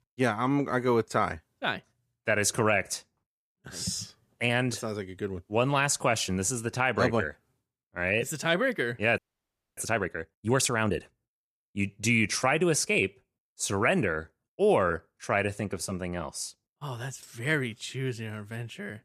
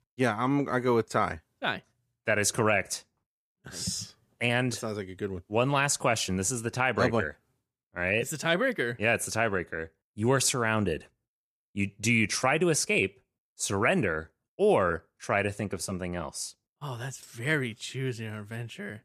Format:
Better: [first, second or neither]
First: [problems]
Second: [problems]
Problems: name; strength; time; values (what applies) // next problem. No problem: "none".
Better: second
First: audio freezing; at 9 s for 0.5 s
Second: none